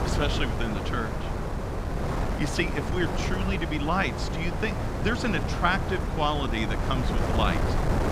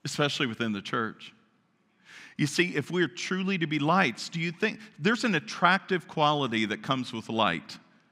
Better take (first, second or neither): second